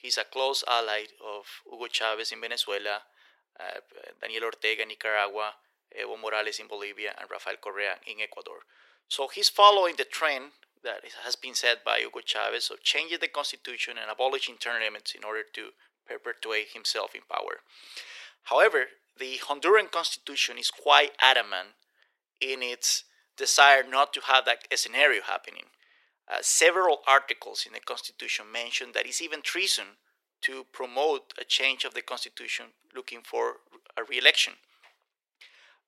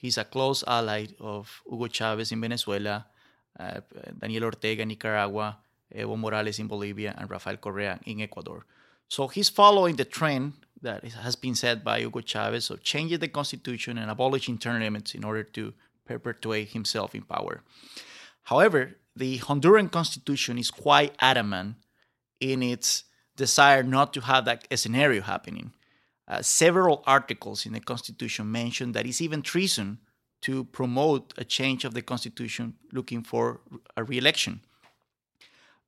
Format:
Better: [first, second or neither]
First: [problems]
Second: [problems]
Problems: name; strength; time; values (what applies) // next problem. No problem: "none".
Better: second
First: thin; very; fading below 400 Hz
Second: none